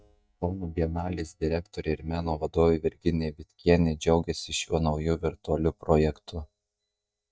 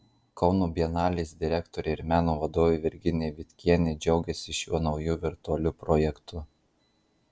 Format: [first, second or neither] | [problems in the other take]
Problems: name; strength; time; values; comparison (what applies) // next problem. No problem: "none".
second | noise reduction (neural mask model DeepFilterNet 3)